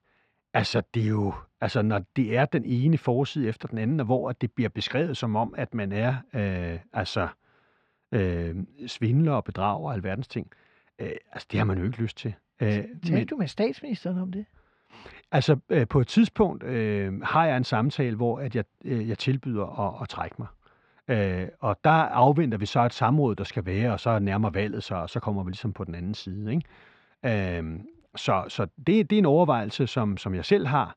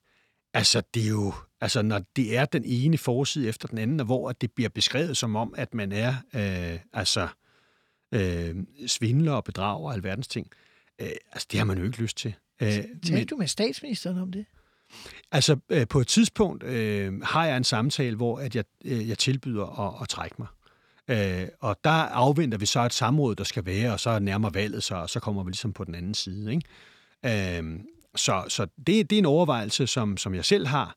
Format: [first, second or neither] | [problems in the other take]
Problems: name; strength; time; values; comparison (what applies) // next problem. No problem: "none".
second | muffled; very; fading above 2.5 kHz